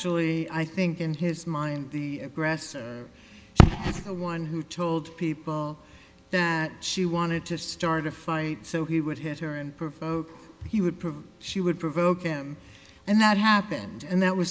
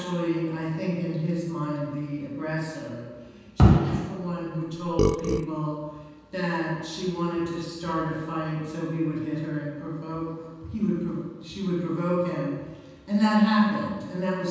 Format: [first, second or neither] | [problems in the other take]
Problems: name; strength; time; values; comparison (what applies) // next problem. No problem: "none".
first | background sound (Burping, eructation); 2 dB below the speech // room echo; dies away in 1.2 s